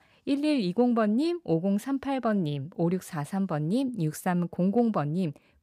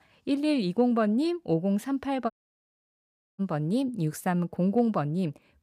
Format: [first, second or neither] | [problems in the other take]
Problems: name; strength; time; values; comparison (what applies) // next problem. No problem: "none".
first | audio cutting out; at 2.5 s for 1 s